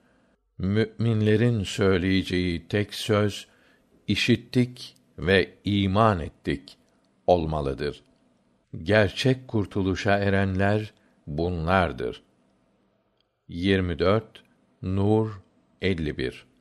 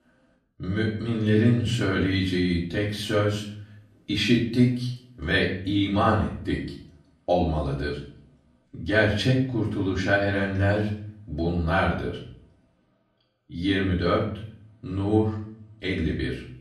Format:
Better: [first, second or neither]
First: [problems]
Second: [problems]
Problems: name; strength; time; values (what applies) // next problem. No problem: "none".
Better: first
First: none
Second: off-mic speech; far // room echo; slight; dies away in 0.5 s